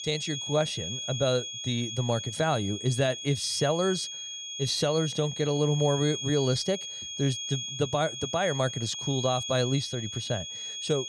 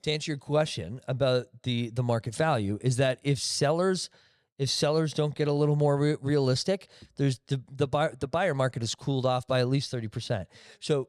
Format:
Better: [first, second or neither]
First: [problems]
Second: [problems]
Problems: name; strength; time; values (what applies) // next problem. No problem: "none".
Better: second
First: high-pitched whine; loud; throughout; 3.5 kHz, 5 dB below the speech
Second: none